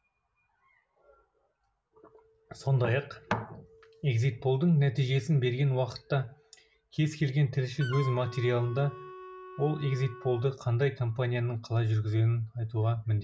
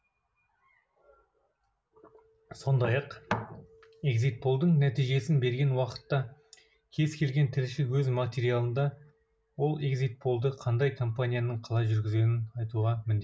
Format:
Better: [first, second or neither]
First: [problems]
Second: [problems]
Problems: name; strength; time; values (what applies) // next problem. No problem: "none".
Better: second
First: background sound (Wind instrument, woodwind instrument); 14 dB below the speech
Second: none